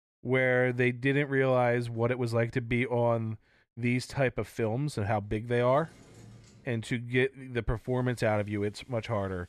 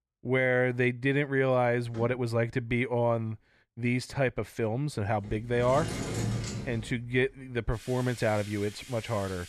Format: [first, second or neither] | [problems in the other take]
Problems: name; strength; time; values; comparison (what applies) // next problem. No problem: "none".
first | household noises; loud; throughout; 10 dB below the speech; faint in the first